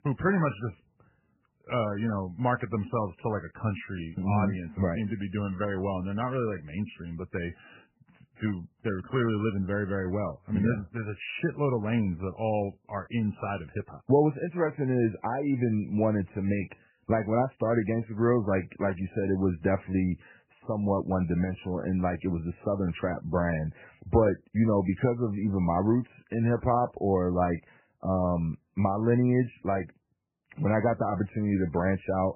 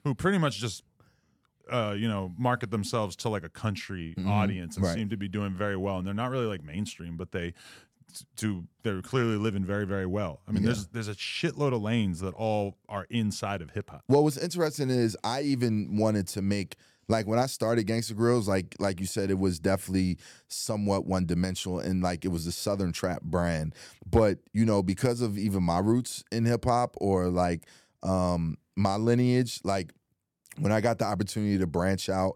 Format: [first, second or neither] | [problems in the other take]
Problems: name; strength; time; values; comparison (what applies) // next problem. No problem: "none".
second | garbled, watery; badly; nothing above 3 kHz